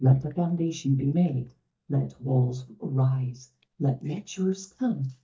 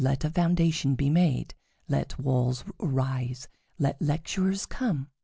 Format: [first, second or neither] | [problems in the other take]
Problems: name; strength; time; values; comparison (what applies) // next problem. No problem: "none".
second | noise reduction (neural mask model DeepFilterNet 3)